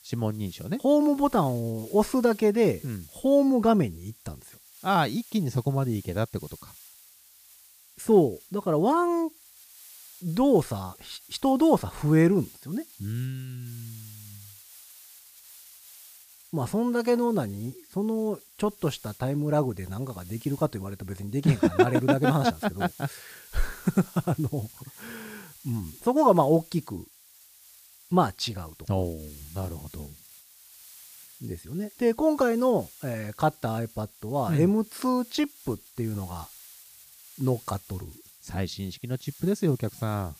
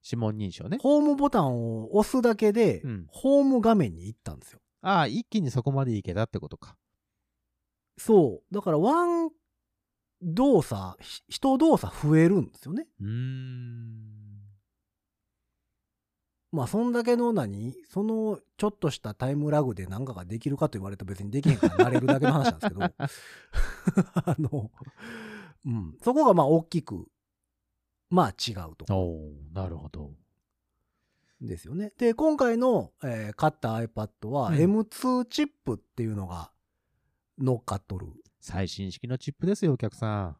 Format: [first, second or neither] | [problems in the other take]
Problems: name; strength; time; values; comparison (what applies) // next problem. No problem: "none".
second | hiss; faint; throughout; 20 dB below the speech